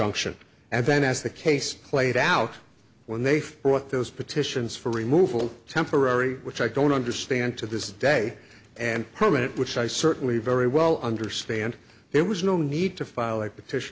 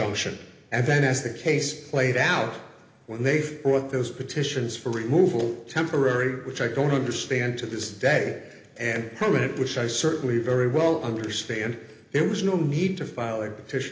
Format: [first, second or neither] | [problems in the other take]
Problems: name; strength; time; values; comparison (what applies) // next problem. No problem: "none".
first | room echo; dies away in 0.8 s